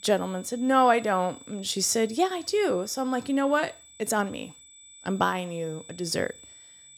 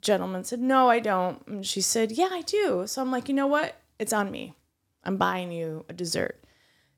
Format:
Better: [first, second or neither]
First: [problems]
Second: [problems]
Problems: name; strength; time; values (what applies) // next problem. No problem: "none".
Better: second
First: high-pitched whine; faint; throughout; 8 kHz, 20 dB below the speech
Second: none